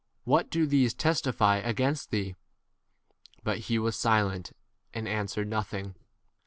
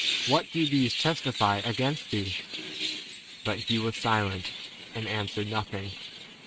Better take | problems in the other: first | noise reduction (neural mask model RNNoise)

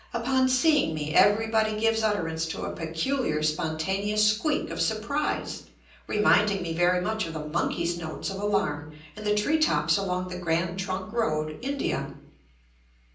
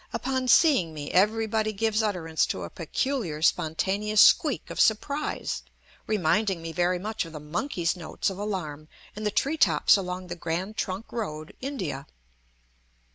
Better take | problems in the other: second | room echo; dies away in 0.6 s

